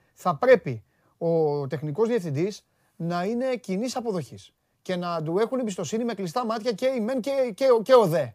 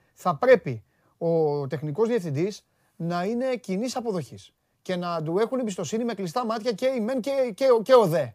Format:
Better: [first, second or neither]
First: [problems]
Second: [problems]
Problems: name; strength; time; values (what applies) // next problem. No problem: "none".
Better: neither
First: none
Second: none